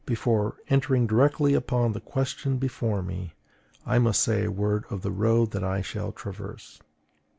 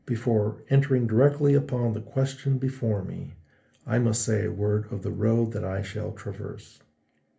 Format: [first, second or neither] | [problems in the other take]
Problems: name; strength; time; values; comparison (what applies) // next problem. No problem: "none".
first | room echo; dies away in 0.3 s